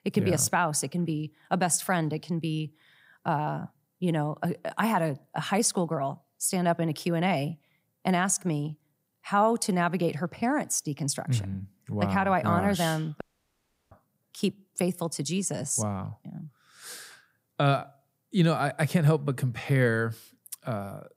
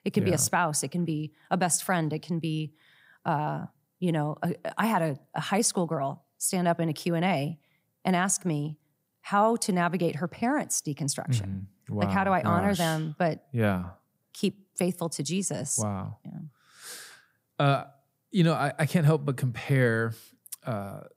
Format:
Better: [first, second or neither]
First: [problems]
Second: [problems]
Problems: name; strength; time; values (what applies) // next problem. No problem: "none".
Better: second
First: audio cutting out; at 13 s for 0.5 s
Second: none